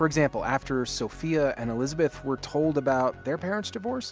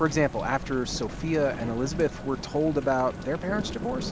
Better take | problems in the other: first | background sound (Thunder / Rain); 9 dB below the speech

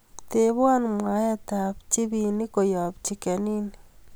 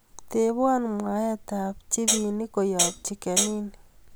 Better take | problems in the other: first | background sound (Hi-hat); 1 dB above the speech

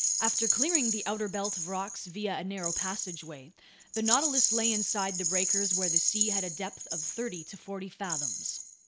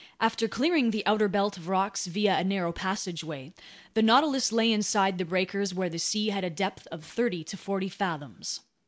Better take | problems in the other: second | background sound (Rattle); 4 dB above the speech

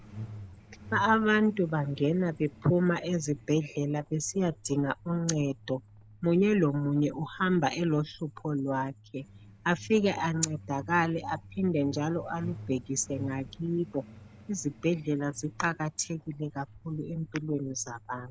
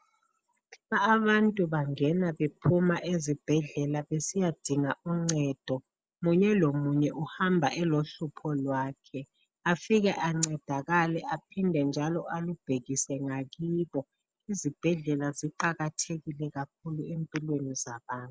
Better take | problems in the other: second | background sound (Truck); 18 dB below the speech

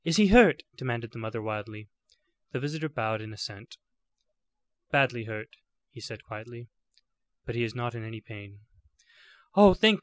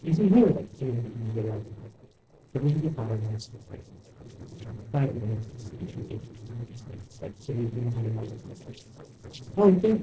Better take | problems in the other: first | noise reduction (neural separator model SepFormer DNS4)

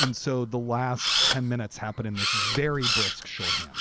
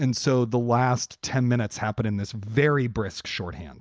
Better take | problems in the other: second | background sound (Camera); 1 dB above the speech

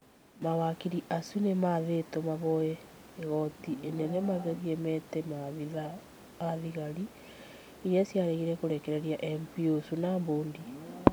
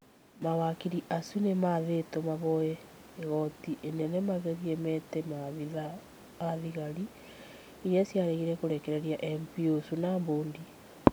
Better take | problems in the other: second | background sound (Livestock, farm animals, working animals); 20 dB below the speech

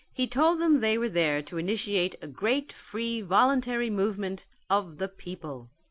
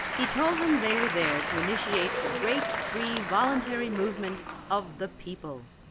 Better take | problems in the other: first | background sound (Applause / Crowd); 2 dB below the speech

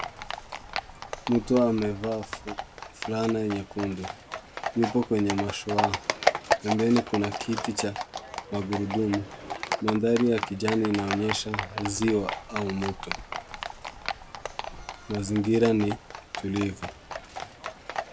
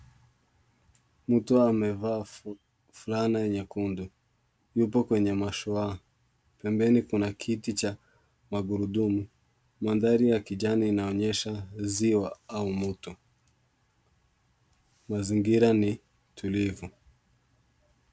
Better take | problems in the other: second | background sound (Livestock, farm animals, working animals); 5 dB below the speech

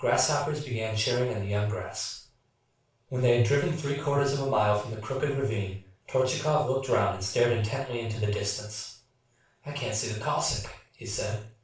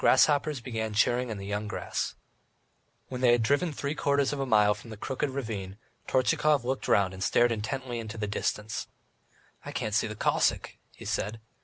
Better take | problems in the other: second | room echo; dies away in 0.4 s

